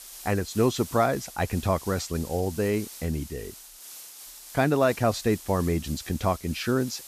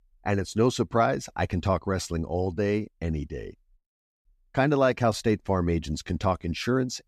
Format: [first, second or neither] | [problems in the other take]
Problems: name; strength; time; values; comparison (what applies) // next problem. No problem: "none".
second | hiss; noticeable; throughout; 15 dB below the speech